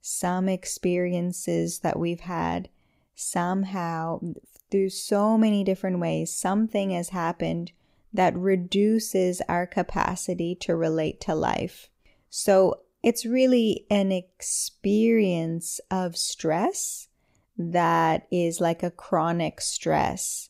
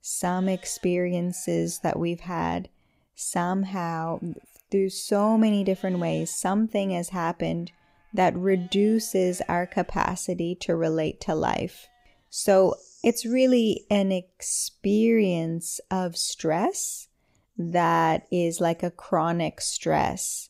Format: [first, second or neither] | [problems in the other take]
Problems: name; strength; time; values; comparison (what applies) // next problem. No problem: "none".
first | animal sounds; faint; throughout; 30 dB below the speech